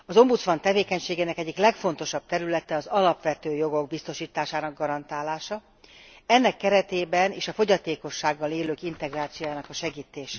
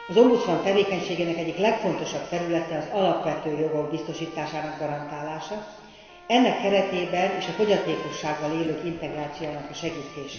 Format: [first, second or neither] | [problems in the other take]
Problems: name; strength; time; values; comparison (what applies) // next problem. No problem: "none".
first | background sound (Trumpet); 19 dB below the speech // room echo; dies away in 2.2 s